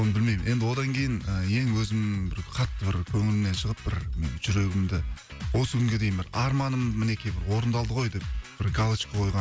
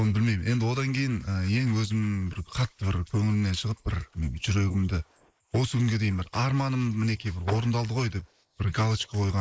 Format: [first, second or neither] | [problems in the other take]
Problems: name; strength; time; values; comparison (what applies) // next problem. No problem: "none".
first | noise reduction (neural mask model Resemble Enhance denoiser)